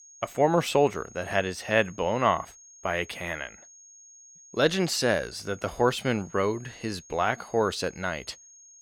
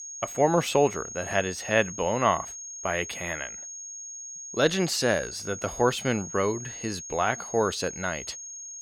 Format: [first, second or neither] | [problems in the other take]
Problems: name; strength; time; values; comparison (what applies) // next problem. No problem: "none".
first | high-pitched whine; loud; throughout; 6.5 kHz, 10 dB below the speech; faint in the first